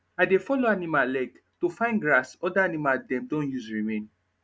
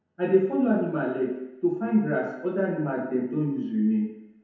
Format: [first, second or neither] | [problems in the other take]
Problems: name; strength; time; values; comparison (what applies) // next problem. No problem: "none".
first | room echo; dies away in 1 s